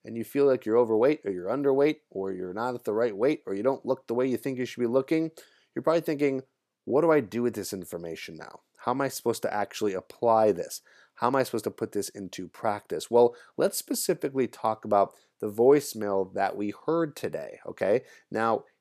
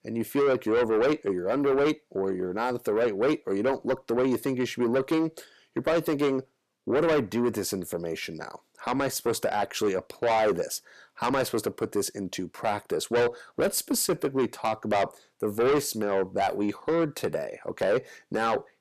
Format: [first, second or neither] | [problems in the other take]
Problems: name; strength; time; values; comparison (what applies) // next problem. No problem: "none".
first | distortion; heavy; 7 dB below the speech